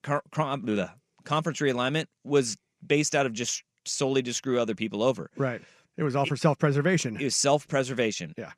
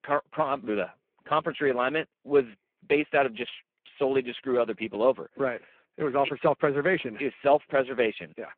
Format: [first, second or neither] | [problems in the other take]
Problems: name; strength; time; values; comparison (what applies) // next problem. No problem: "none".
first | phone-call audio; poor line